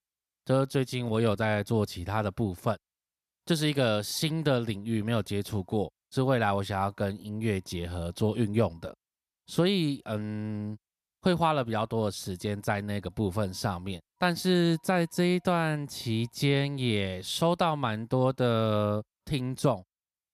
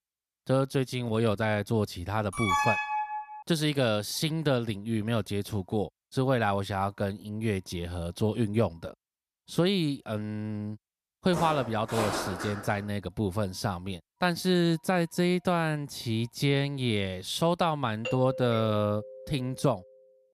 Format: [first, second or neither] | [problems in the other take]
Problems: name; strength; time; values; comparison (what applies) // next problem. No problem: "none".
first | alarm; loud; from 2.5 to 3.5 s; peak 3 dB above the speech // footsteps; noticeable; from 11 to 13 s; peak 2 dB below the speech // doorbell; noticeable; from 18 to 20 s; peak 6 dB below the speech